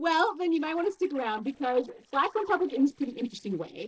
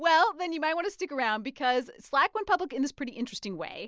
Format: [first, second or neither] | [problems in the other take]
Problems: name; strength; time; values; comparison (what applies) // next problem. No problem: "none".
second | noise reduction (neural separator model SepFormer DNS4)